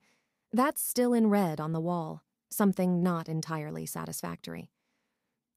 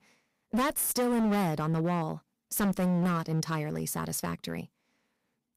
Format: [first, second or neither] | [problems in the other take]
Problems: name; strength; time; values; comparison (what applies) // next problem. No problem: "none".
first | distortion; heavy; 15% of the sound clipped